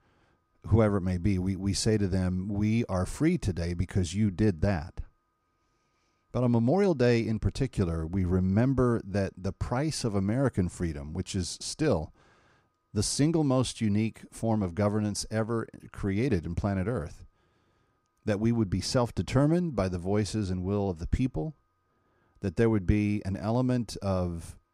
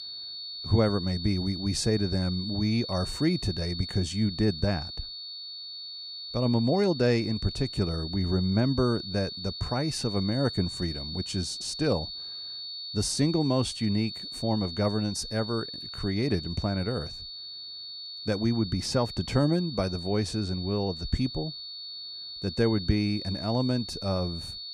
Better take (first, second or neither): first